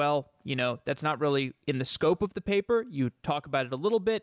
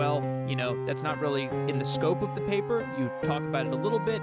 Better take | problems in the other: first | background sound (Piano); 1 dB below the speech

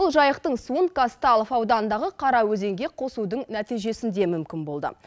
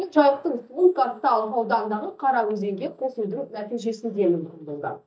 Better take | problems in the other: first | noise reduction (neural mask model DeepFilterNet 3)

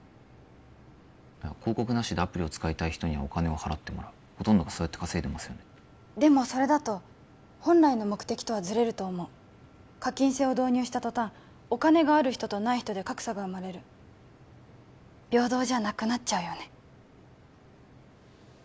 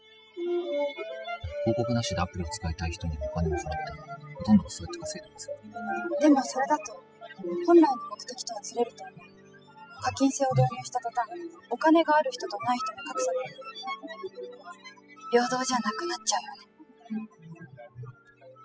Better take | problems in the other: first | noise reduction (classical method spectral subtraction)

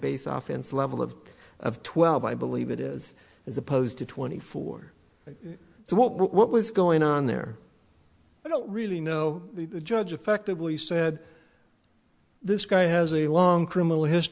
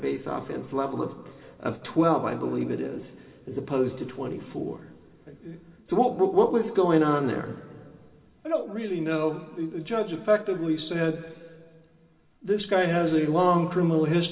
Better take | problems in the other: first | room echo; dies away in 2.1 s

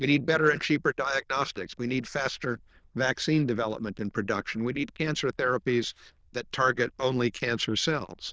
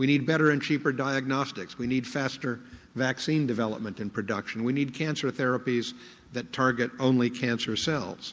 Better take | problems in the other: second | noise reduction (neural diffusion model UNIVERSE++)

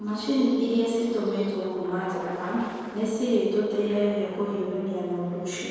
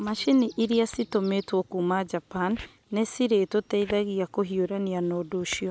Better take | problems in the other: second | noise reduction (neural separator model SepFormer DNS4)

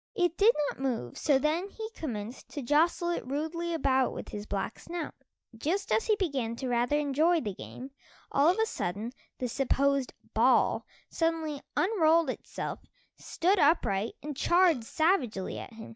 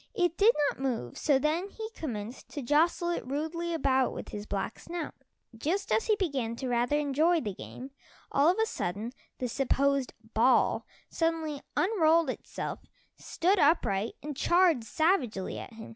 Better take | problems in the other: second | noise reduction (neural mask model DeepFilterNet 3)

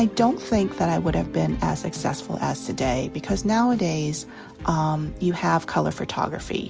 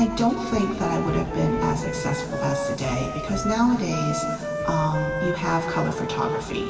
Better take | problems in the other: first | background sound (Wind instrument, woodwind instrument); 5 dB below the speech // room echo; dies away in 2.6 s

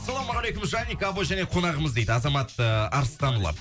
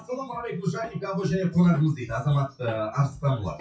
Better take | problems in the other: first | noise reduction (classical method WPE with log-MMSE)

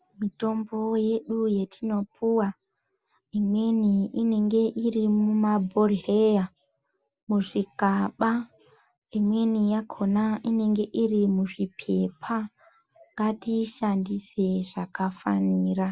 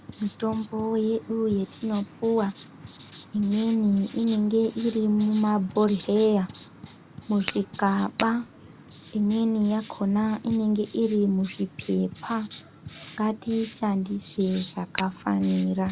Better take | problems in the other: first | background sound (Tap / Glass + Writing); 18 dB below the speech

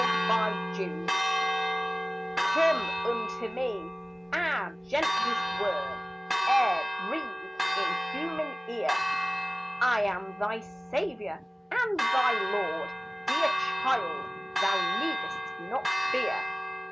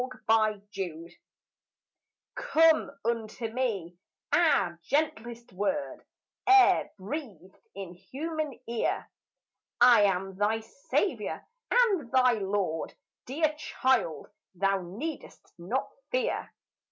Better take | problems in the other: second | background sound (Church bell); 1 dB above the speech

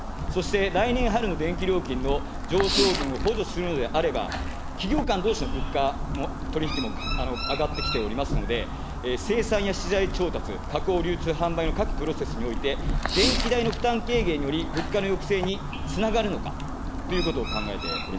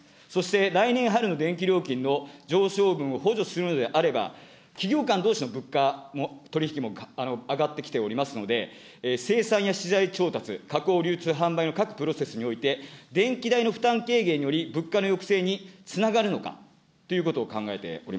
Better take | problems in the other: second | background sound (Train + Chirp, tweet); 2 dB below the speech

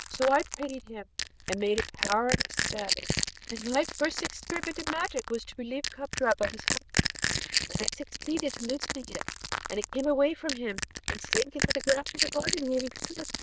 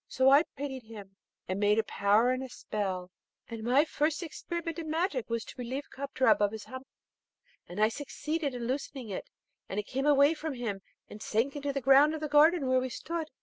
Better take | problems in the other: second | noise reduction (neural diffusion model UNIVERSE++)

